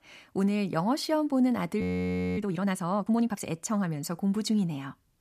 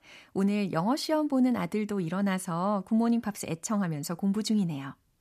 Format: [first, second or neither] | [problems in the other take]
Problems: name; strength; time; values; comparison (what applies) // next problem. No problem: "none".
second | audio freezing; at 2 s for 0.5 s